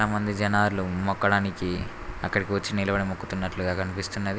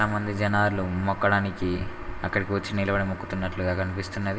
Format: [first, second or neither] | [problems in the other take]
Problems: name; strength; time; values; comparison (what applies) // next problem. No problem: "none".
first | room echo; dies away in 1.2 s